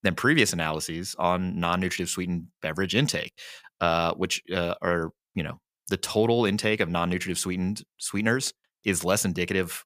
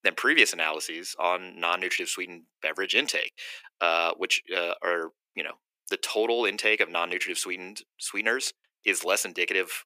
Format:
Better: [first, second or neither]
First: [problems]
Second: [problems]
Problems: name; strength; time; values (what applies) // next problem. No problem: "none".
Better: first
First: none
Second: thin; very; fading below 300 Hz